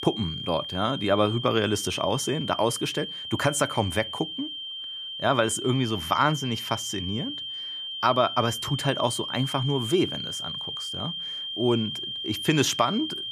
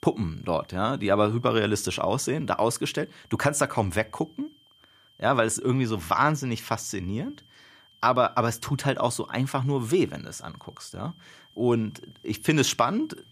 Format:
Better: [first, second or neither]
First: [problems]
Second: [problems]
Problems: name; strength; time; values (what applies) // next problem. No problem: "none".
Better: second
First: high-pitched whine; loud; throughout; 3 kHz, 6 dB below the speech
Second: high-pitched whine; faint; throughout; 3 kHz, 30 dB below the speech